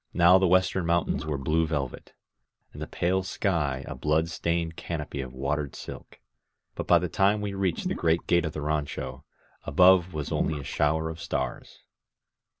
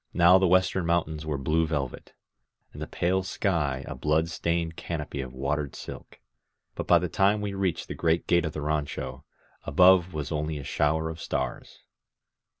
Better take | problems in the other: second | background sound (Gurgling / Liquid); 10 dB below the speech

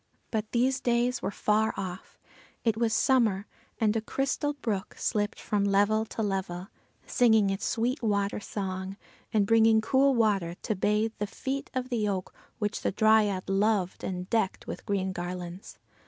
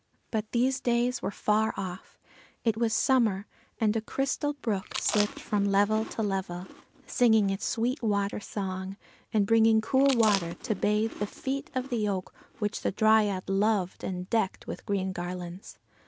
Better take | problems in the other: first | background sound (Chewing, mastication); 13 dB below the speech

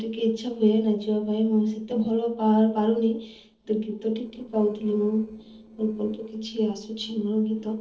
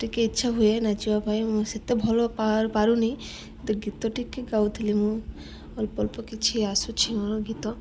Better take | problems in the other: second | noise reduction (neural separator model SepFormer DNS4)

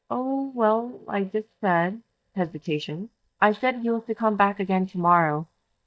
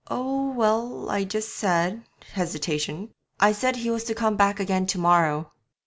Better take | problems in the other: second | noise reduction (neural mask model DeepFilterNet 3)

